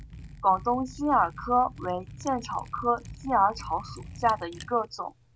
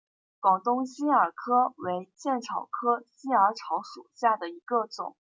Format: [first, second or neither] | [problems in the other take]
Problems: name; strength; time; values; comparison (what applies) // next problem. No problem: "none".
second | background sound (Liquid); 16 dB below the speech